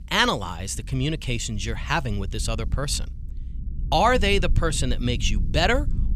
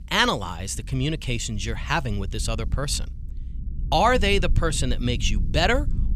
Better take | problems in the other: neither | low rumble; faint; throughout; 25 dB below the speech; the same in both

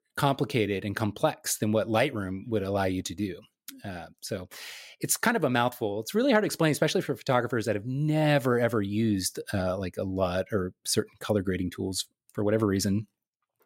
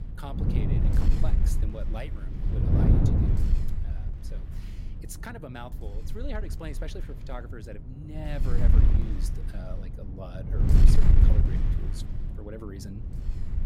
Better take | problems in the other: first | wind noise on the microphone; heavy; 3 dB above the speech

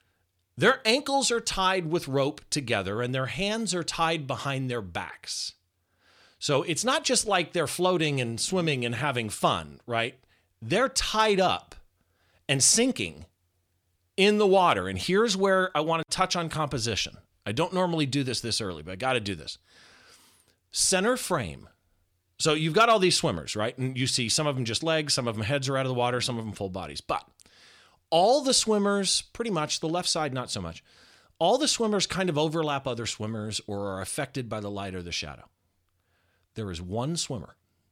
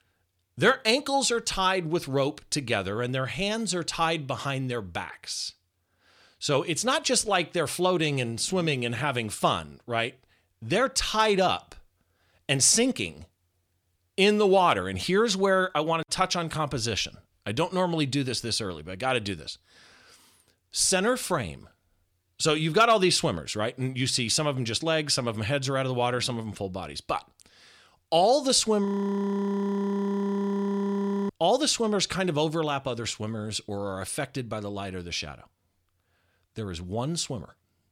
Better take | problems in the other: first | audio freezing; at 29 s for 2.5 s

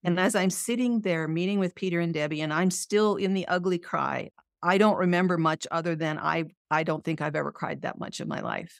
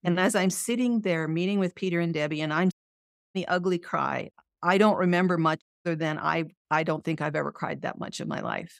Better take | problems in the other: first | audio cutting out; at 2.5 s for 0.5 s and at 5.5 s

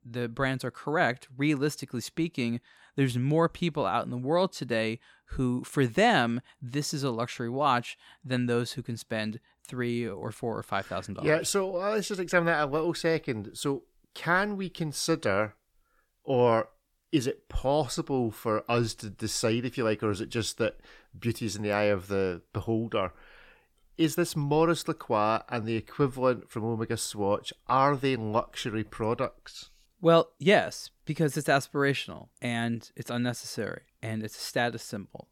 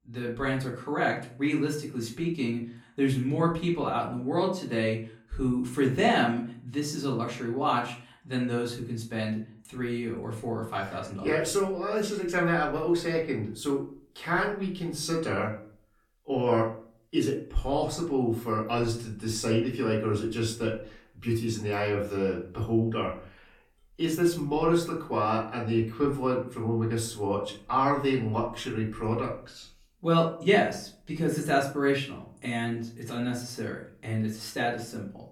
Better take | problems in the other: first | off-mic speech; far // room echo; slight; dies away in 0.4 s

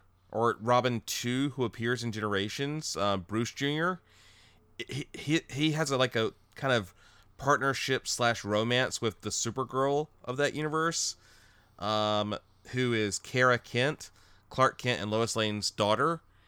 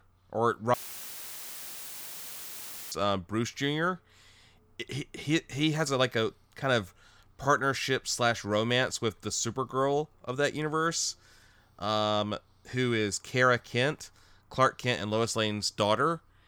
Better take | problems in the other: first | audio cutting out; filled with static; at 0.5 s for 2 s

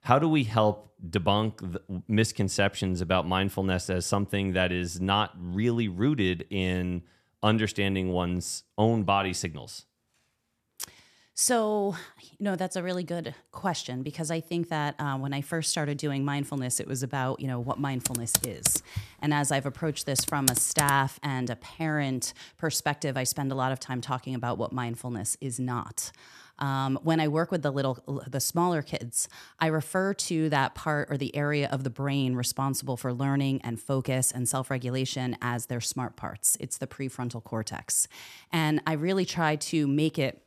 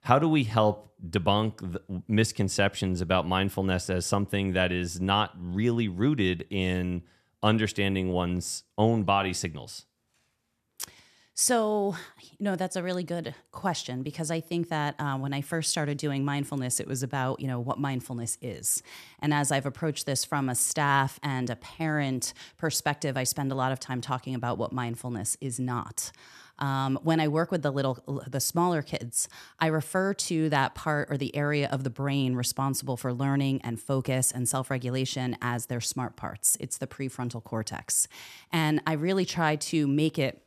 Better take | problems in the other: second | keyboard typing; loud; from 18 to 21 s; peak 3 dB above the speech

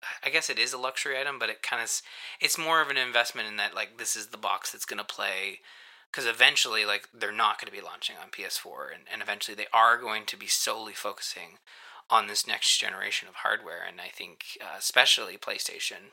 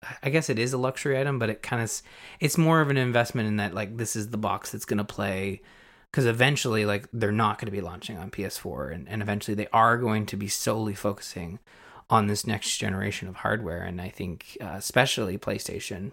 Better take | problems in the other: second | thin; very; fading below 850 Hz

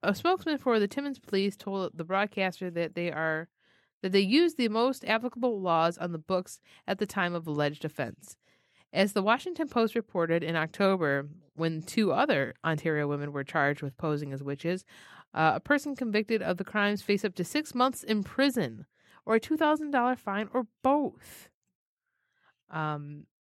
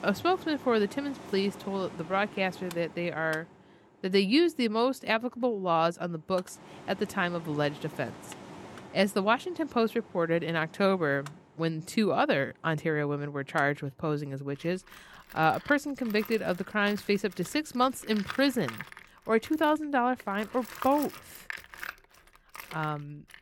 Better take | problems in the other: first | machinery noise; noticeable; throughout; 15 dB below the speech

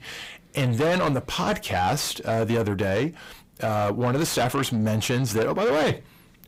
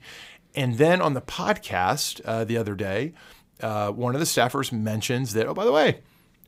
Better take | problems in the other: second | distortion; heavy; 6 dB below the speech

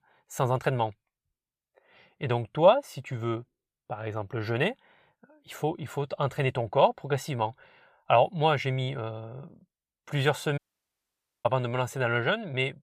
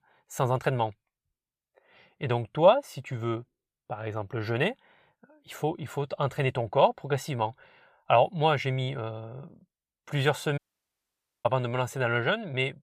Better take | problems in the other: neither | audio cutting out; at 11 s for 1 s; the same in both

